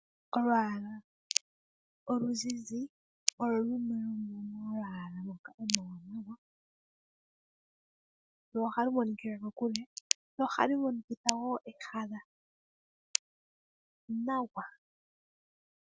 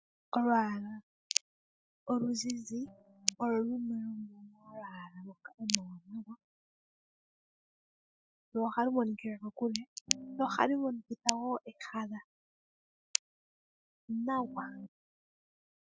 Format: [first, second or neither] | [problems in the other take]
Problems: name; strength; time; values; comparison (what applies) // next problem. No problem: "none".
first | noise reduction (classical method spectral subtraction)